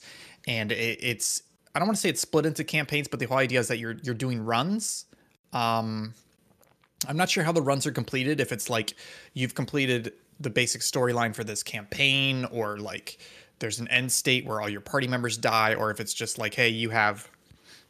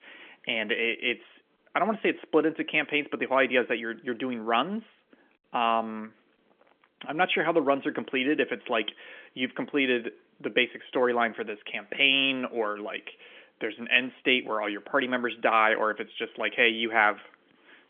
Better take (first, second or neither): first